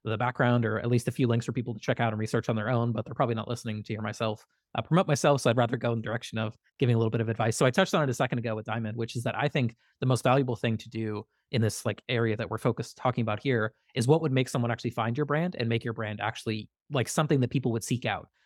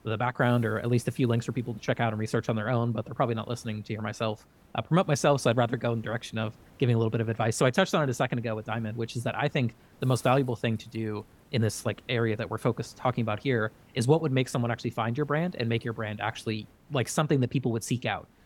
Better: first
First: none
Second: hiss; faint; throughout; 30 dB below the speech

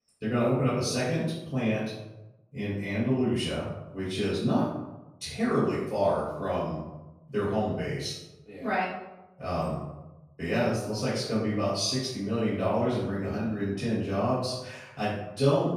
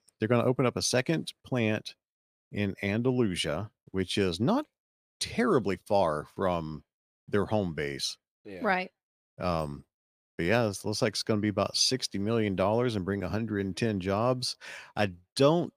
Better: second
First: room echo; noticeable; dies away in 0.8 s // off-mic speech; far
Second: none

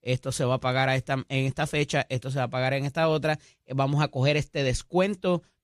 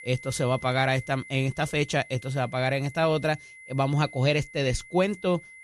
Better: first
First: none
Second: high-pitched whine; noticeable; throughout; 2 kHz, 15 dB below the speech

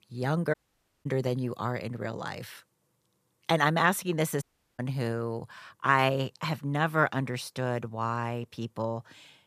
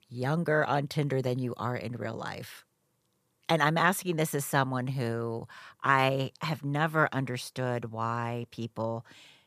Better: second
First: audio cutting out; at 0.5 s for 0.5 s and at 4.5 s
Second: none

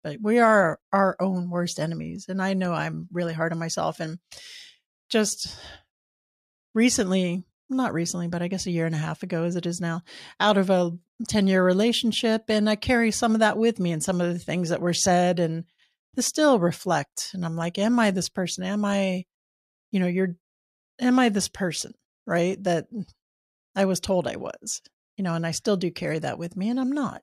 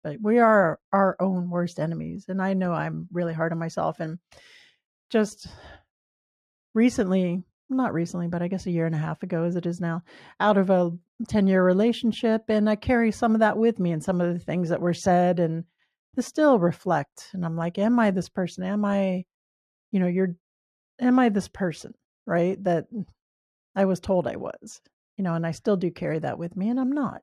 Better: first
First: none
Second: muffled; slightly; fading above 2.5 kHz

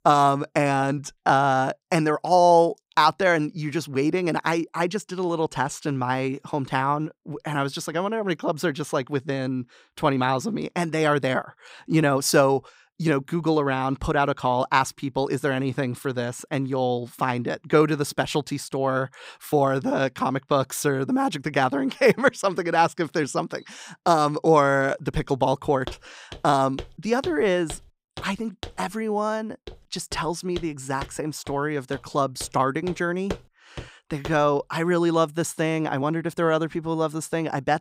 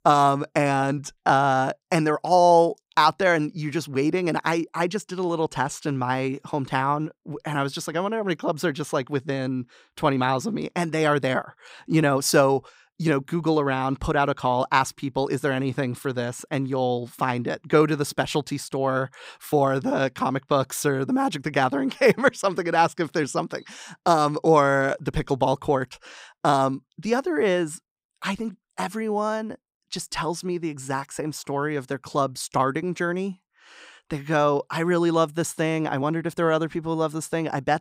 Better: second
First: footsteps; faint; from 26 to 34 s; peak 10 dB below the speech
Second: none

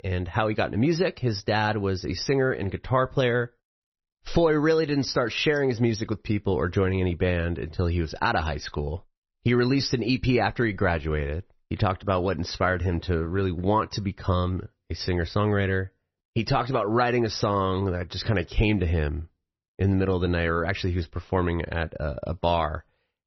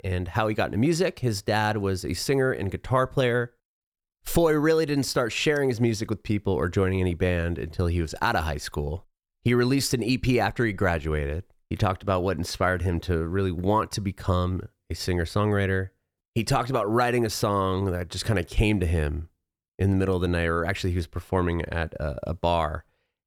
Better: second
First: garbled, watery; slightly; nothing above 6 kHz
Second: none

